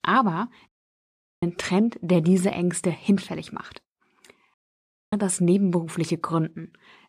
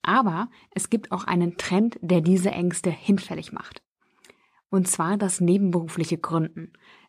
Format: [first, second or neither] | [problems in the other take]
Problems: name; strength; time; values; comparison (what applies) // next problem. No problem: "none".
second | audio cutting out; at 0.5 s for 0.5 s and at 4.5 s for 0.5 s